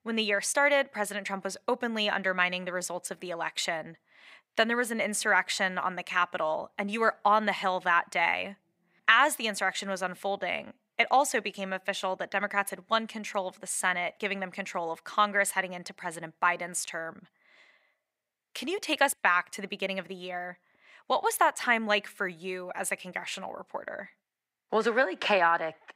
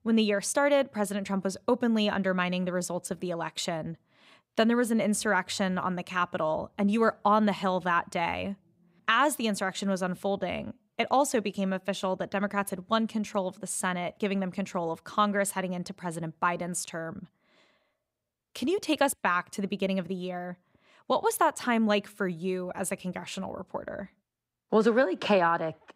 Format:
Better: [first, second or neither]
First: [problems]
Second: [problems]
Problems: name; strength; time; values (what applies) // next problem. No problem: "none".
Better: second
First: thin; somewhat; fading below 650 Hz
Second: none